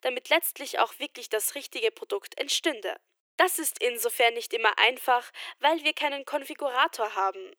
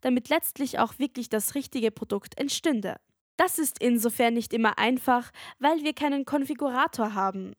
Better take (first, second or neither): second